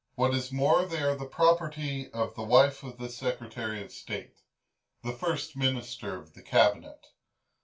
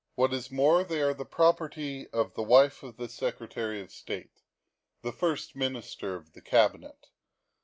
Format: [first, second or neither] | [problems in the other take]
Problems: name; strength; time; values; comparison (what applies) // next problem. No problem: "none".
second | room echo; dies away in 0.2 s